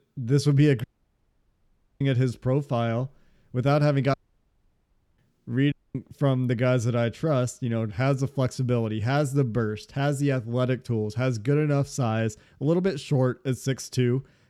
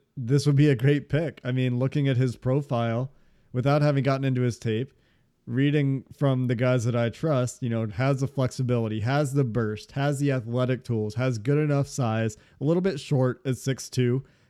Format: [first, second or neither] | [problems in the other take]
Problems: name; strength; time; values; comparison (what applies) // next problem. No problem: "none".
second | audio cutting out; at 1 s for 1 s, at 4 s for 1 s and at 5.5 s